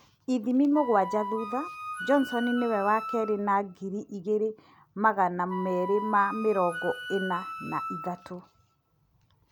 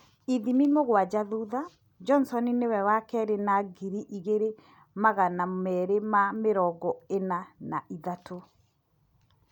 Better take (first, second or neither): second